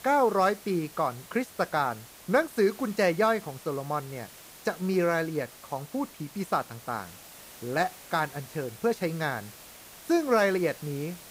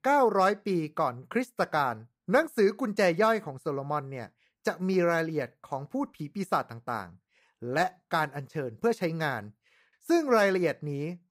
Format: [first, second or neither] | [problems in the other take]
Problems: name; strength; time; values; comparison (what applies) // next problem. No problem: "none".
second | hiss; noticeable; throughout; 20 dB below the speech